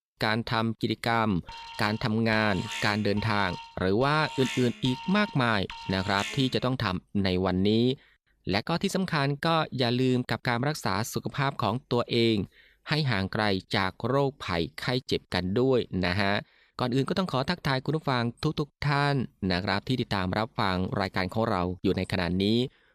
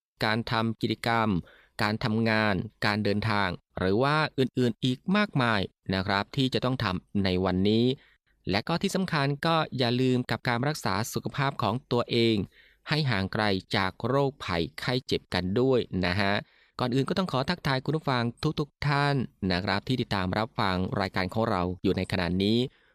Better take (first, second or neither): second